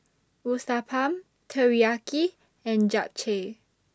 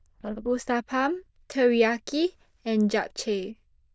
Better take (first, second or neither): first